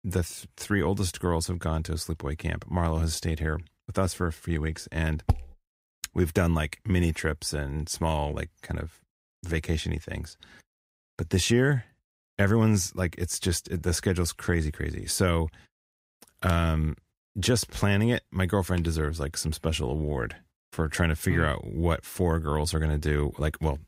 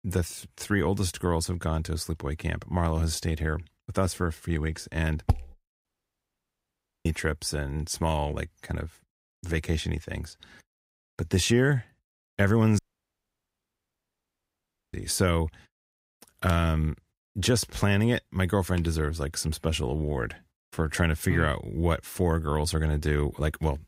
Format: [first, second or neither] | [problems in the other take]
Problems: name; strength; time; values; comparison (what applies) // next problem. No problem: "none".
first | audio cutting out; at 6 s for 1 s and at 13 s for 2 s